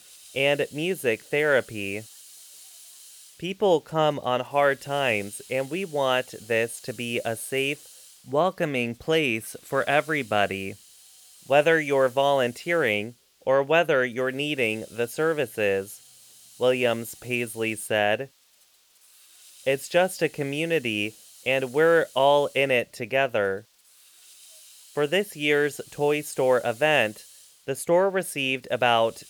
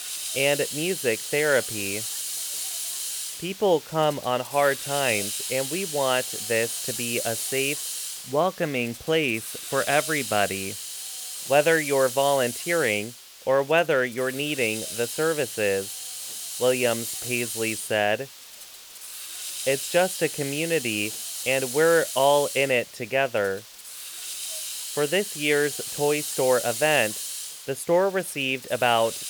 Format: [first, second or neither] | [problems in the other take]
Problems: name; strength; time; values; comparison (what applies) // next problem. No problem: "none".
first | hiss; loud; throughout; 6 dB below the speech; faint in the first